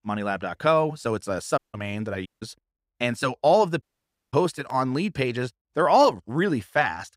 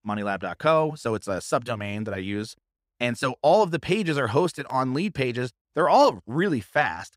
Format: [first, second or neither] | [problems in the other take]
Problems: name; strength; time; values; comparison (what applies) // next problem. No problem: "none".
second | audio cutting out; at 1.5 s, at 2.5 s and at 4 s for 0.5 s